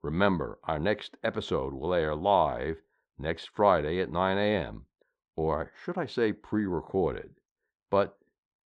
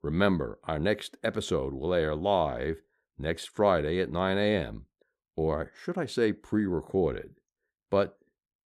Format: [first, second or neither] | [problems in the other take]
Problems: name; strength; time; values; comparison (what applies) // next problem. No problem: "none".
second | muffled; very slightly; fading above 3.5 kHz